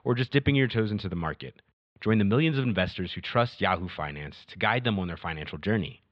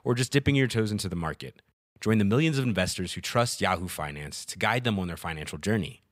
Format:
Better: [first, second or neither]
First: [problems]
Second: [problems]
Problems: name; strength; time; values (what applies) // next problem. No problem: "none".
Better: second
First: muffled; slightly; fading above 3.5 kHz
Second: none